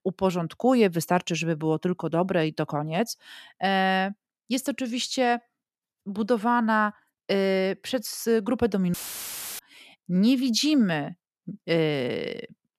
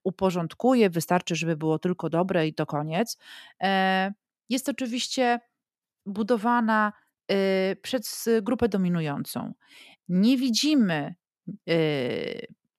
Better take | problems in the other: second | audio cutting out; filled with static; at 9 s for 0.5 s

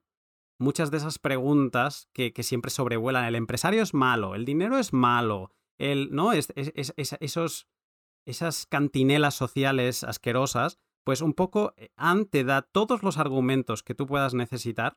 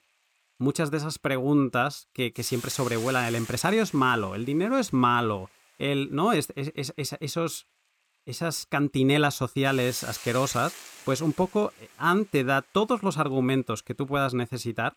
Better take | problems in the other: first | hiss; noticeable; throughout; 15 dB below the speech

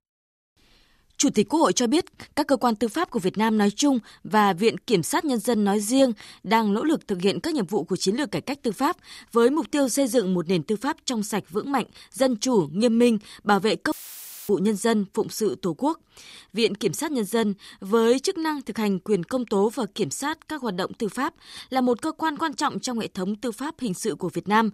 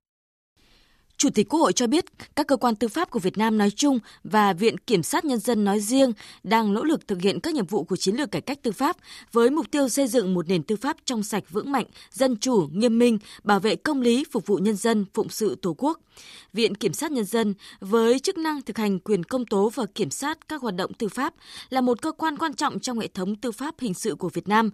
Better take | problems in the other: second | audio cutting out; filled with static; at 14 s for 0.5 s

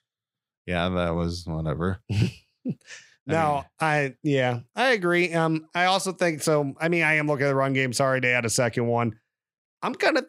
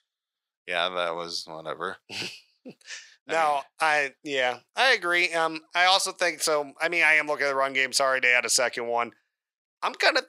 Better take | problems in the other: first | thin; very; fading below 650 Hz

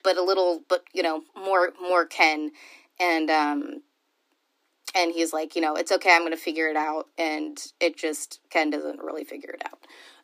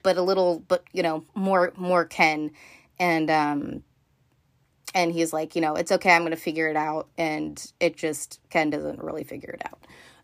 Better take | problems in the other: second | thin; very slightly; fading below 300 Hz

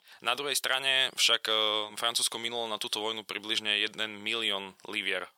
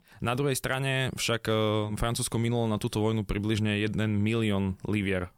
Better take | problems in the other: second | thin; very; fading below 650 Hz

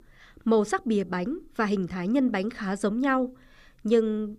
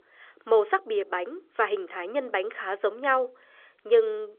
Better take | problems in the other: first | phone-call audio; nothing above 3.5 kHz

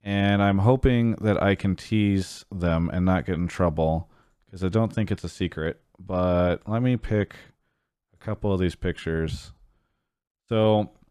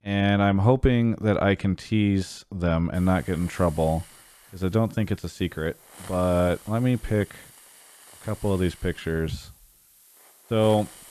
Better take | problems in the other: first | hiss; faint; from 3 s on; 20 dB below the speech

